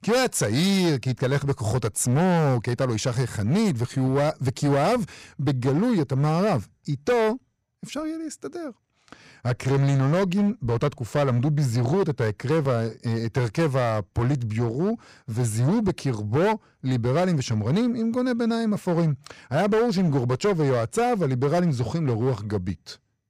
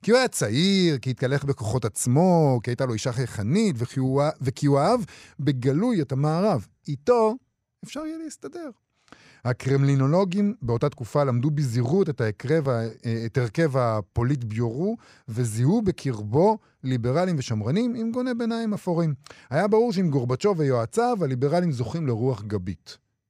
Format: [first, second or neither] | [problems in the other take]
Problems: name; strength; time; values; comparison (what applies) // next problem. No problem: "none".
second | distortion; slight; 13% of the sound clipped